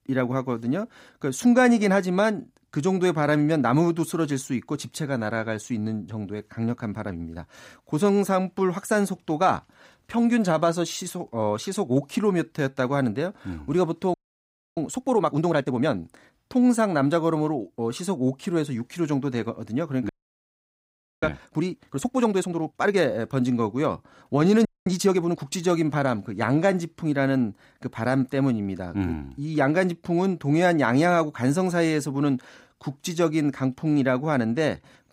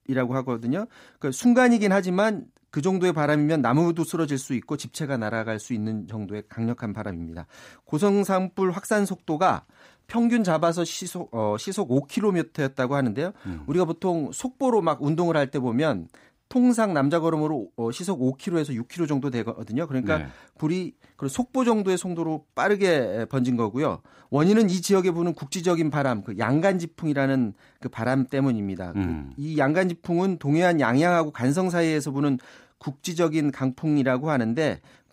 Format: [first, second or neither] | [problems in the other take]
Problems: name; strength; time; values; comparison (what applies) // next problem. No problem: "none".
second | audio freezing; at 14 s for 0.5 s, at 20 s for 1 s and at 25 s